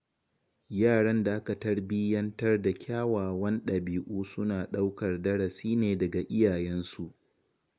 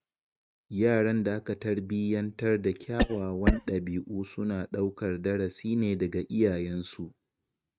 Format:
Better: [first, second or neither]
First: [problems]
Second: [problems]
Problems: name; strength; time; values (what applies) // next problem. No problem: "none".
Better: first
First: none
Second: noise reduction (neural mask model RNNoise)